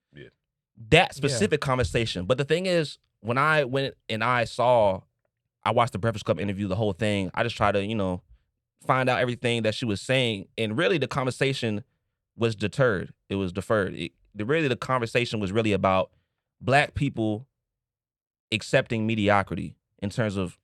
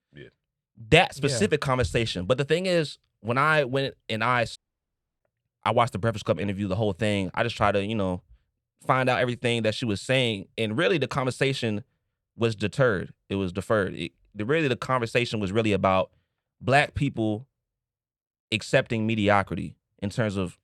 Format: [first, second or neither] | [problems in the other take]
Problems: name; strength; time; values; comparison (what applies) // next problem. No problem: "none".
first | audio cutting out; at 4.5 s for 0.5 s